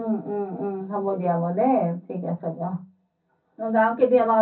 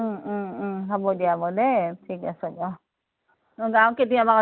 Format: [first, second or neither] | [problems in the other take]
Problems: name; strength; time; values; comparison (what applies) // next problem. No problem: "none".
second | room echo; dies away in 0.3 s